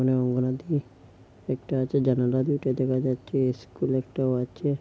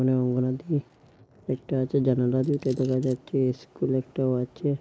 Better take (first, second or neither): first